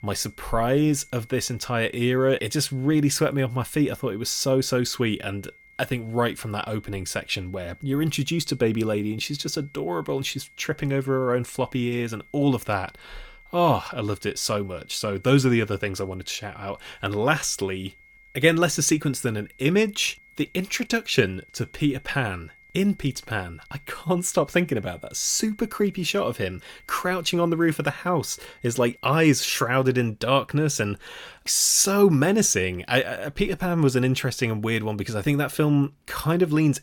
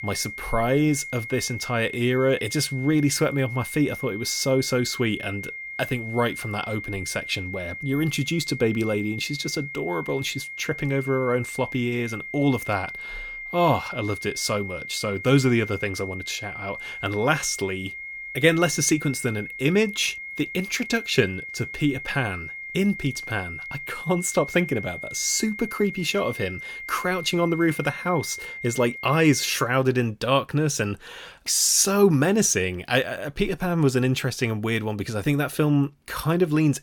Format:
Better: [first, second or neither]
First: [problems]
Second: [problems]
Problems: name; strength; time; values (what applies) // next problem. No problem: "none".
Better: first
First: high-pitched whine; faint; until 30 s; 2 kHz, 25 dB below the speech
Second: high-pitched whine; loud; until 30 s; 2 kHz, 10 dB below the speech